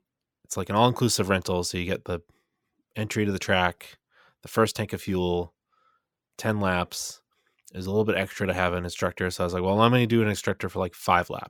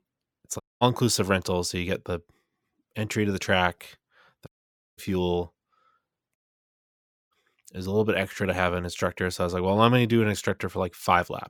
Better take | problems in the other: first | audio cutting out; at 0.5 s, at 4.5 s and at 6.5 s for 1 s

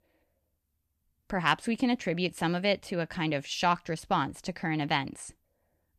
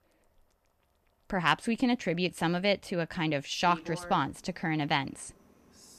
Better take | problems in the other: first | household noises; noticeable; throughout; 20 dB below the speech

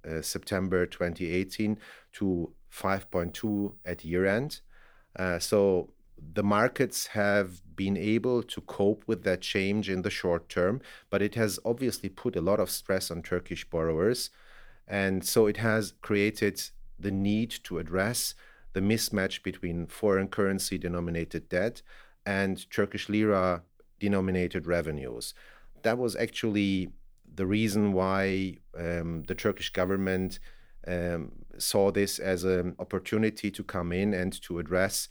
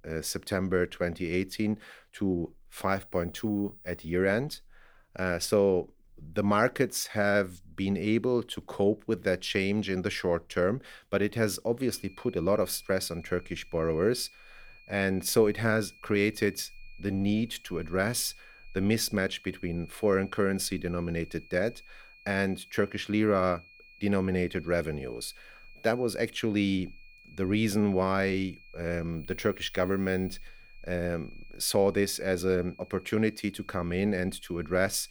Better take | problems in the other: first | high-pitched whine; faint; from 12 s on; 2.5 kHz, 25 dB below the speech

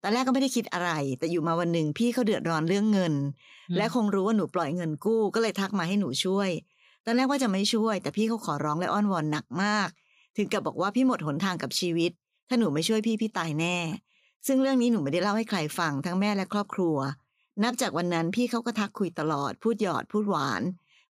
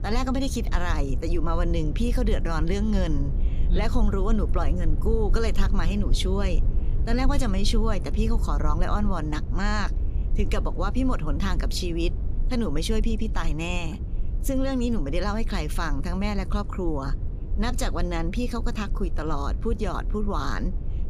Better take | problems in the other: first | low rumble; noticeable; throughout; 15 dB below the speech

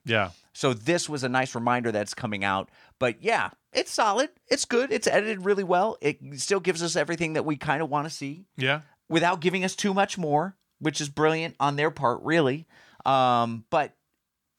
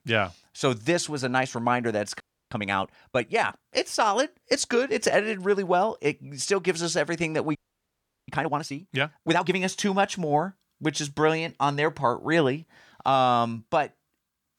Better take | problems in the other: first | audio freezing; at 2 s and at 7.5 s for 0.5 s

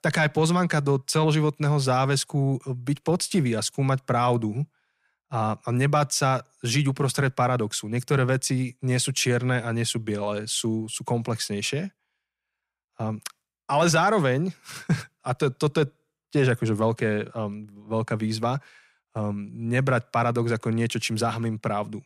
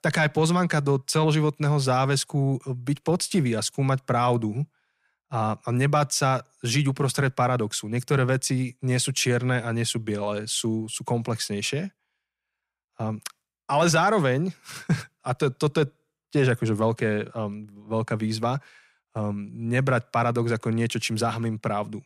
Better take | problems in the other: neither | none

